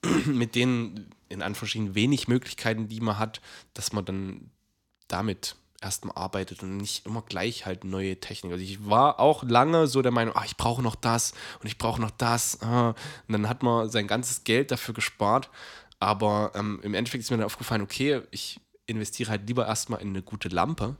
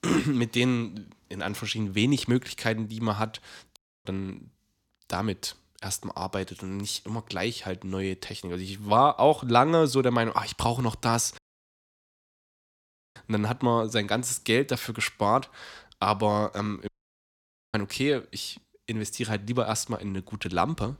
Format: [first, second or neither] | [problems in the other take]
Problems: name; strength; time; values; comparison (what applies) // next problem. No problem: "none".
first | audio cutting out; at 4 s, at 11 s for 2 s and at 17 s for 1 s